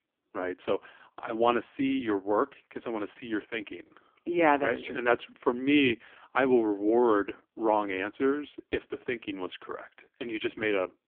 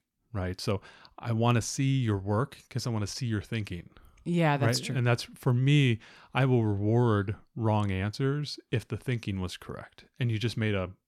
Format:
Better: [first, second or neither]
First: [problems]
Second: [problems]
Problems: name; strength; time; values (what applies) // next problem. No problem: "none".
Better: second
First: phone-call audio; poor line; nothing above 3.5 kHz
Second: none